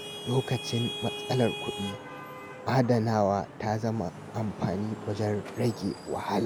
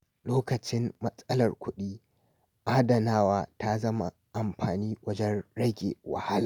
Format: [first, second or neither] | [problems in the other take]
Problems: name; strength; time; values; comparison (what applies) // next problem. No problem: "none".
second | background sound (Traffic noise, roadway noise / Vehicle horn, car horn, honking); 10 dB below the speech